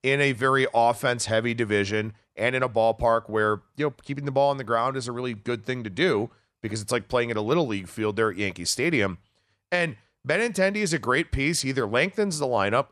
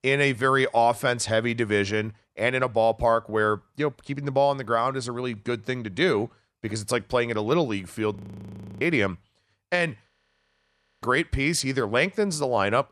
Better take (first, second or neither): first